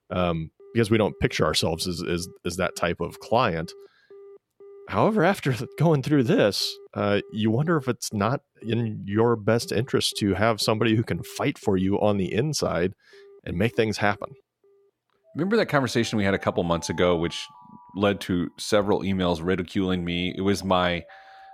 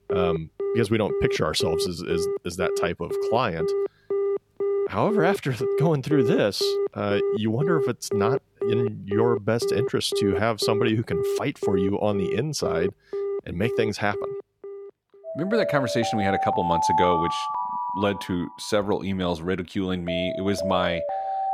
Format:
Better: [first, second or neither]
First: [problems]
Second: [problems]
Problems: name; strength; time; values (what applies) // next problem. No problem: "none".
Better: first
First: alarms or sirens; faint; throughout; 25 dB below the speech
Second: alarms or sirens; loud; throughout; 1 dB below the speech